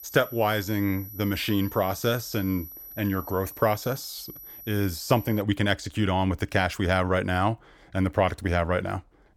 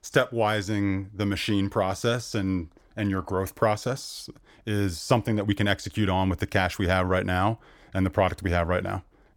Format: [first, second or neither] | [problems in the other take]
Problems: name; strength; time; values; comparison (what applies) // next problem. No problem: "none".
second | high-pitched whine; noticeable; until 5.5 s; 12 kHz, 15 dB below the speech